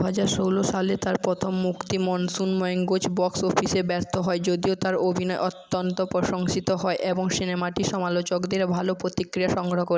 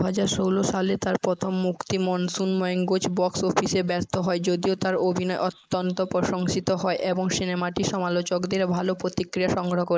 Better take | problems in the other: first | noise reduction (neural mask model Resemble Enhance denoiser)

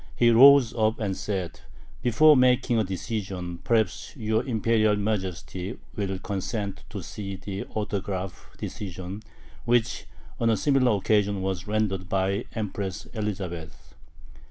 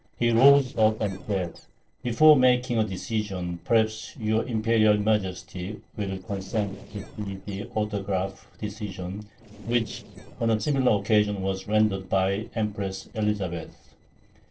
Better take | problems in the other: first | noise reduction (neural separator model SepFormer DNS4)

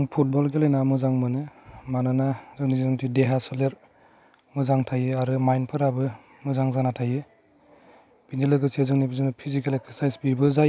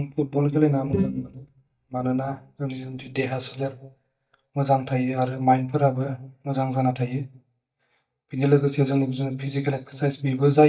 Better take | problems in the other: first | noise reduction (neural mask model DeepFilterNet 3)

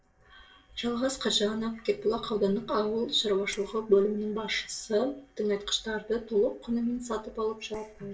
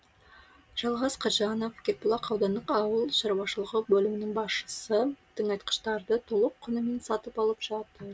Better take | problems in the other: second | noise reduction (neural separator model SepFormer DNS4)

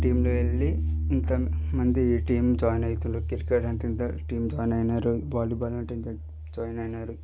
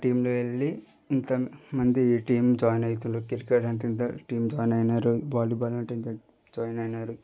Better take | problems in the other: second | background sound (Piano); 2 dB below the speech

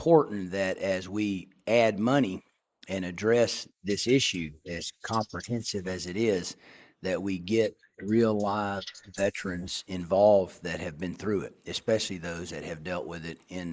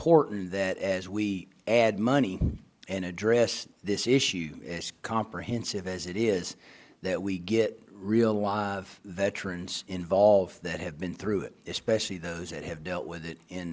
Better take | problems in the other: second | noise reduction (neural mask model Resemble Enhance denoiser)

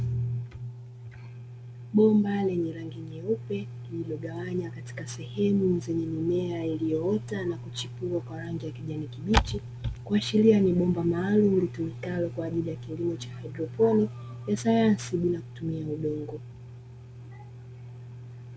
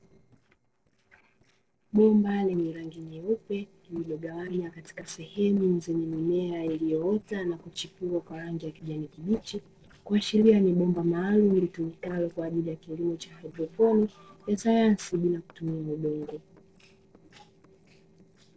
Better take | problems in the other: first | noise reduction (neural separator model SepFormer DNS4)

